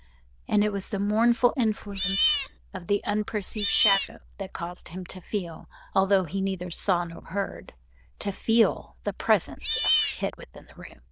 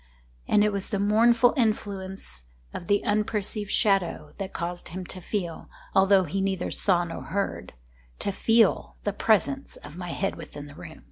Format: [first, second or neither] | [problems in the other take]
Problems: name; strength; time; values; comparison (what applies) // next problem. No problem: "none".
second | noise reduction (neural diffusion model UNIVERSE++)